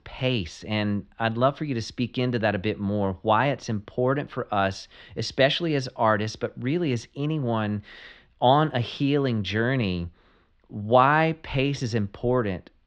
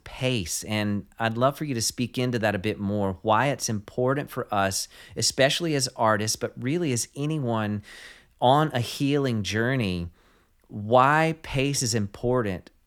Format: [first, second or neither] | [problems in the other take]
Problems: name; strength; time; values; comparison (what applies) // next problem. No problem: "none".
second | muffled; slightly; fading above 4 kHz